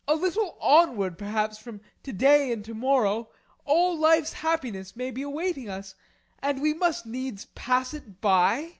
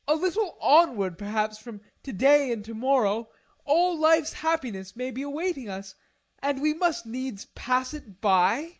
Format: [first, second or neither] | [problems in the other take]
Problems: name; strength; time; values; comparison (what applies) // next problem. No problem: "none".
first | noise reduction (neural mask model Resemble Enhance denoiser)